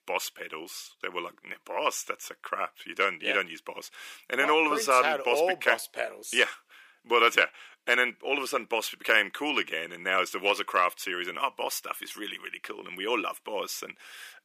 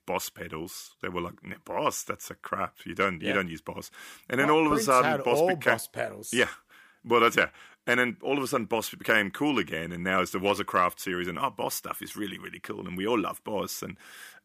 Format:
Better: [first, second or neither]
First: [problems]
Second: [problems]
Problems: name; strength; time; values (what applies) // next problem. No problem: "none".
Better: second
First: thin; somewhat; fading below 450 Hz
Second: none